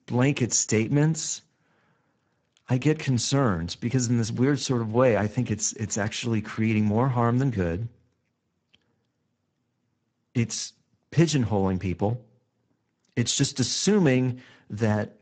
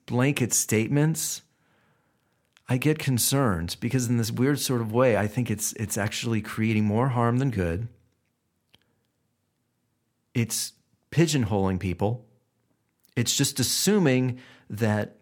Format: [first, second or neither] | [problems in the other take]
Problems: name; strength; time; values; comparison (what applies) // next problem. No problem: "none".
second | garbled, watery; badly; nothing above 7.5 kHz